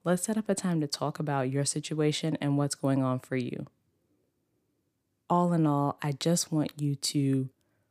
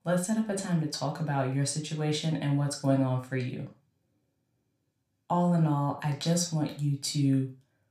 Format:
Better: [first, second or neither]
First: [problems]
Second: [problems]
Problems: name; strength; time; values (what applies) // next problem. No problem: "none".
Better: first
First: none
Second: room echo; slight; dies away in 0.3 s // off-mic speech; somewhat distant